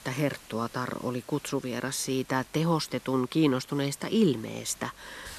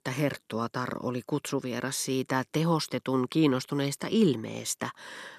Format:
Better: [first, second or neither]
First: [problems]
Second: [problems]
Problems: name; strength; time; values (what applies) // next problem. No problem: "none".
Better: second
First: hiss; faint; throughout; 20 dB below the speech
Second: none